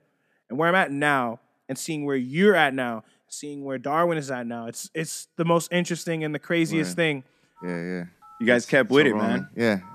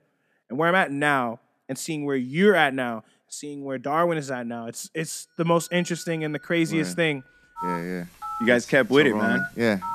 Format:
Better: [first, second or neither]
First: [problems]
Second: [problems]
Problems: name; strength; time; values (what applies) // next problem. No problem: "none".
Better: first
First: alarms or sirens; faint; from 6 s on; 25 dB below the speech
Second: alarms or sirens; loud; from 6 s on; 8 dB below the speech